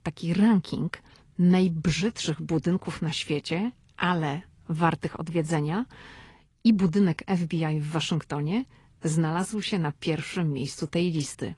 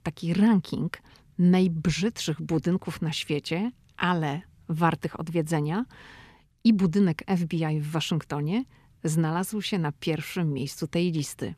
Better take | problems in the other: second | garbled, watery; slightly; nothing above 10.5 kHz

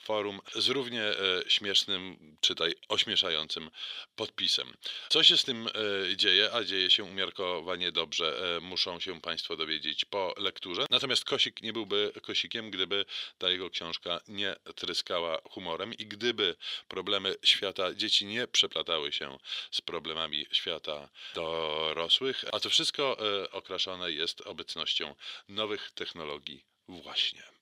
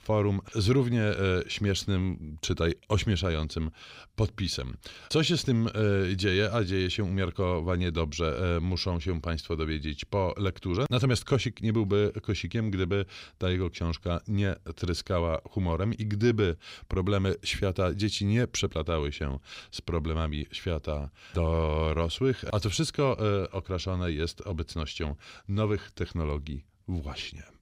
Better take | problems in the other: second | thin; very; fading below 400 Hz

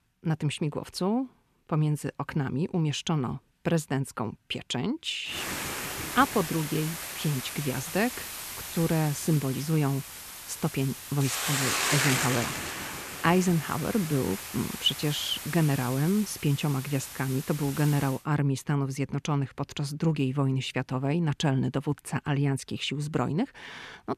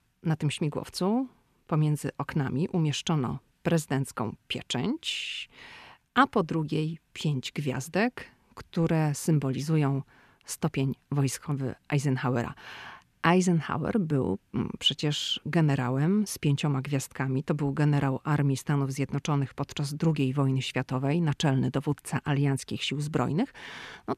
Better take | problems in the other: second | hiss; loud; from 5.5 to 18 s; 5 dB below the speech

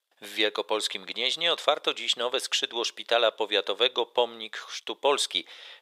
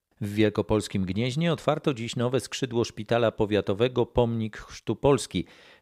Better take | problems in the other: second | thin; very; fading below 550 Hz

